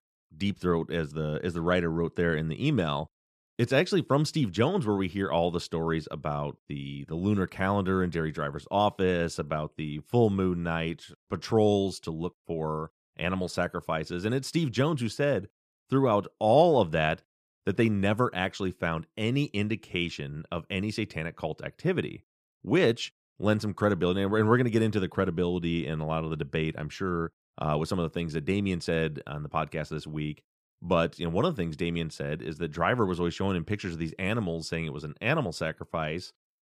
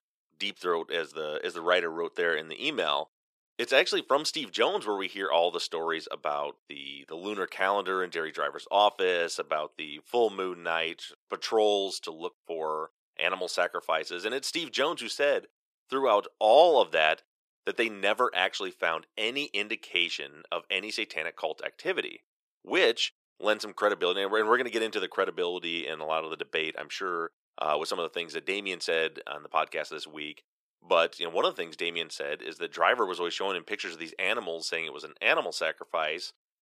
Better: first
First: none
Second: thin; very; fading below 450 Hz

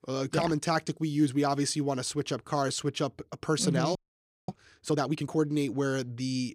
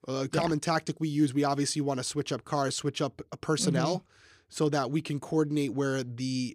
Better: second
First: audio freezing; at 4 s for 0.5 s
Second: none

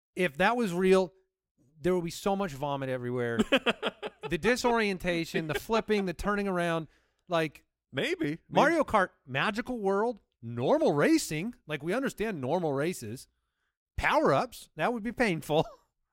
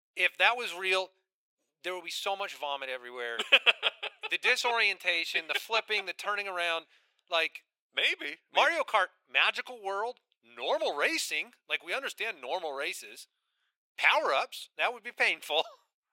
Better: first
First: none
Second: thin; very; fading below 550 Hz

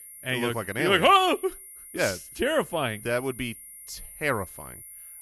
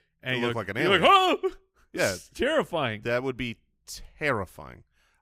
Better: second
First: high-pitched whine; noticeable; throughout; 10 kHz, 15 dB below the speech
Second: none

